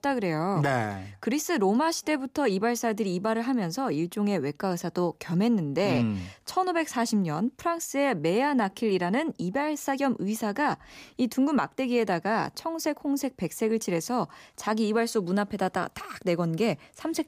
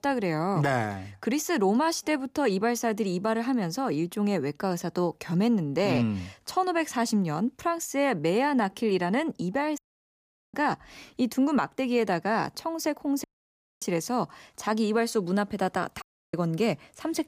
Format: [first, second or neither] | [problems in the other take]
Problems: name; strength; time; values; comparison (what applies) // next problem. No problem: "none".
first | audio cutting out; at 10 s for 1 s, at 13 s for 0.5 s and at 16 s